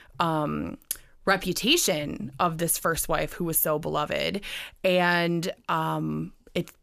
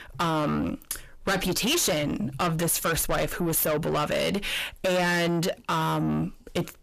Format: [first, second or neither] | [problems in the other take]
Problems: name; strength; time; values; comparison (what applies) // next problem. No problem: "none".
first | distortion; heavy; 6 dB below the speech